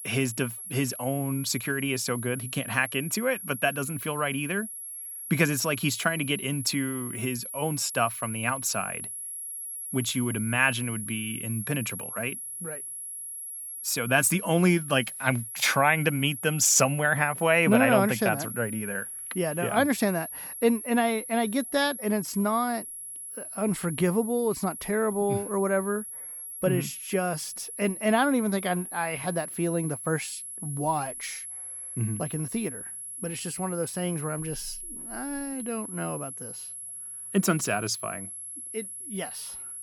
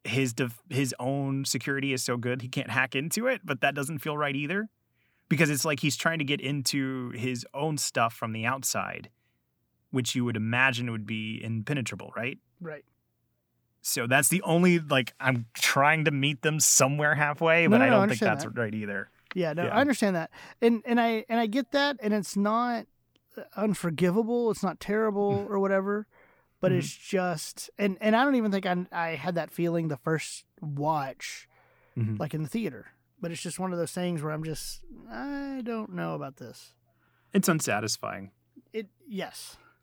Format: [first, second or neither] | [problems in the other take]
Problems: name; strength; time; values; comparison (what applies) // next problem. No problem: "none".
second | high-pitched whine; loud; throughout; 11 kHz, 8 dB below the speech